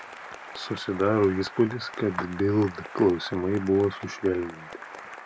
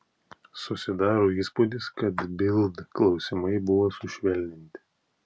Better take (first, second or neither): second